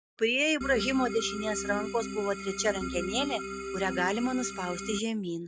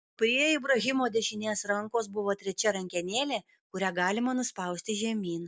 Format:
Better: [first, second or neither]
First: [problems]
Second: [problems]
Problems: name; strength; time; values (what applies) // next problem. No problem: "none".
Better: second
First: background sound (Organ); 6 dB below the speech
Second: none